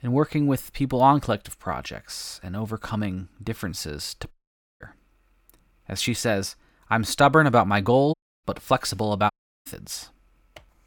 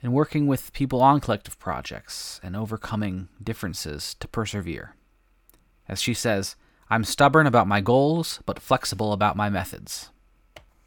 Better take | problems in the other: second | audio cutting out; at 4.5 s, at 8 s and at 9.5 s

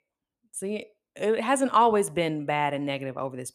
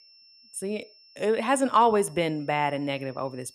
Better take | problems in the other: first | high-pitched whine; faint; throughout; 5.5 kHz, 25 dB below the speech

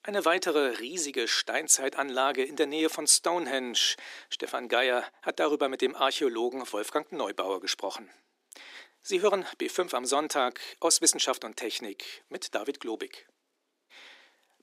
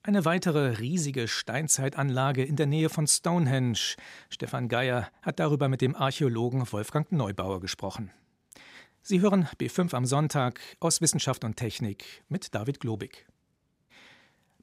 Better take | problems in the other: second | thin; very; fading below 300 Hz

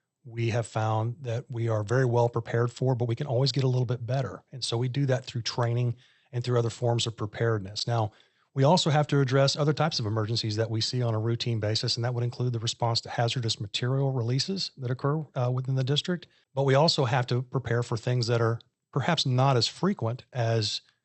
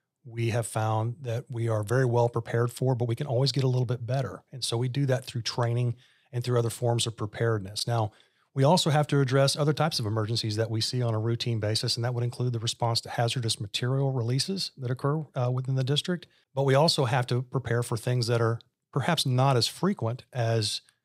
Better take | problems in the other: second | garbled, watery; slightly; nothing above 8 kHz

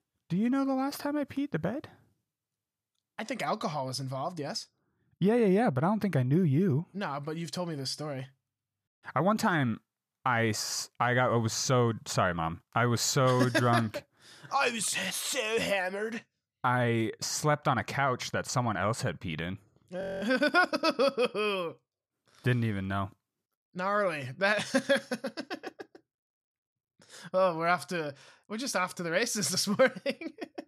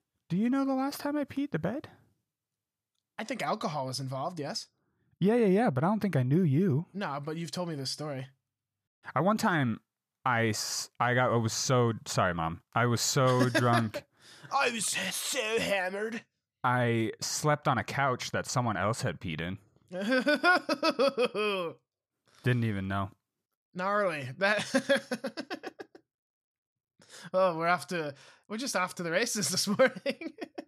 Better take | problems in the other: second | audio freezing; at 20 s

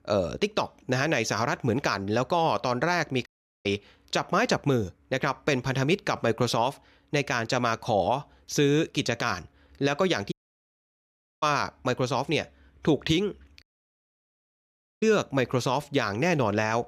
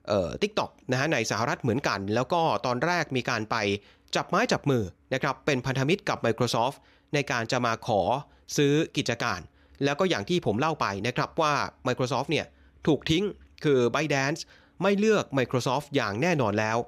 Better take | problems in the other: second | audio cutting out; at 3.5 s, at 10 s for 1 s and at 14 s for 1.5 s

